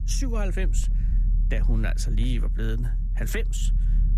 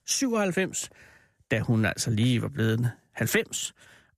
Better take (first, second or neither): second